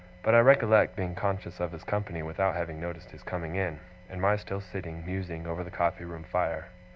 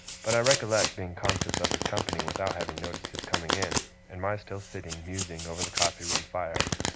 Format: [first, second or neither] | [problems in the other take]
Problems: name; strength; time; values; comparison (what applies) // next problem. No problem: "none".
first | background sound (Domestic sounds, home sounds); 1 dB above the speech